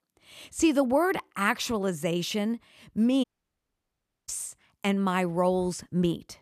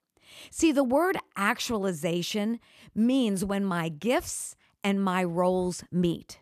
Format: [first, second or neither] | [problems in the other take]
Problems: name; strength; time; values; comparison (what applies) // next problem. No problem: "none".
second | audio cutting out; at 3 s for 1 s